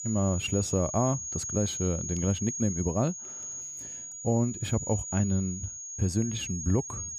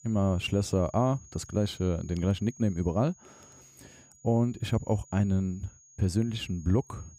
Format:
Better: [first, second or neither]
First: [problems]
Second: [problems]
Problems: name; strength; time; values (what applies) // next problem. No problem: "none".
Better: second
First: high-pitched whine; loud; throughout; 6.5 kHz, 5 dB below the speech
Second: high-pitched whine; faint; throughout; 6.5 kHz, 25 dB below the speech